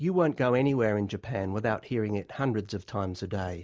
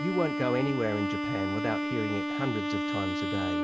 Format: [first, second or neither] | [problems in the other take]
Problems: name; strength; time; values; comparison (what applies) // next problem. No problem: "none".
first | background sound (Bowed string instrument); 1 dB above the speech